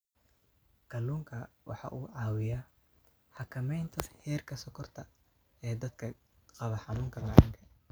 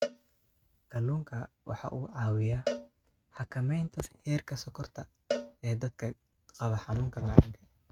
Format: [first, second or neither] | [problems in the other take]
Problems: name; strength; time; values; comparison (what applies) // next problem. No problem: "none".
first | noise reduction (neural mask model RNNoise)